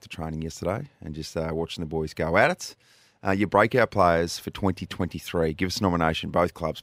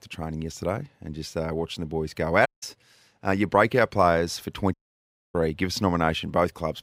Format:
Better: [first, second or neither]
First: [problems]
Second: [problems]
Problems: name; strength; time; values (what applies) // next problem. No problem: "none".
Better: first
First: none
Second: audio cutting out; at 2.5 s and at 4.5 s for 0.5 s